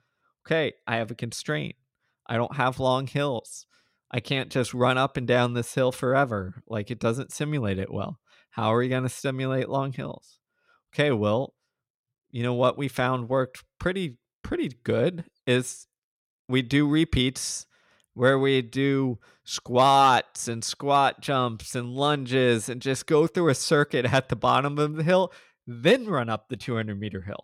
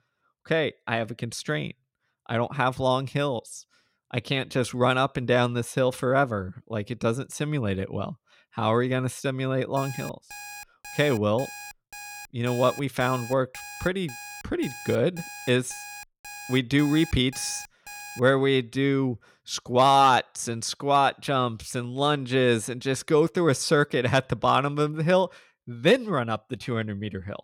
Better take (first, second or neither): first